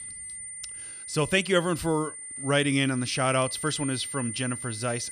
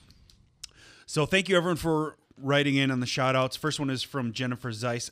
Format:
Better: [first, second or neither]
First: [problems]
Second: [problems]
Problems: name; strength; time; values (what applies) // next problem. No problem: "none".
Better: second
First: high-pitched whine; loud; throughout; 9 kHz, 8 dB below the speech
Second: none